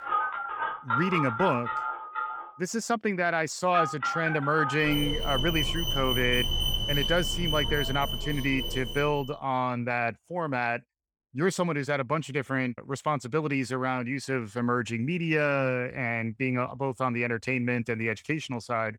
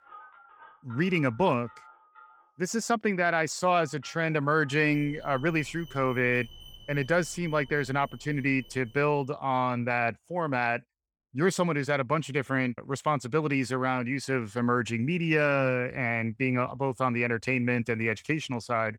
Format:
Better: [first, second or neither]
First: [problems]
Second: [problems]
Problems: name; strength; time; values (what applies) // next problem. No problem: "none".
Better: second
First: alarms or sirens; loud; until 9 s; 1 dB below the speech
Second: alarms or sirens; faint; until 9 s; 25 dB below the speech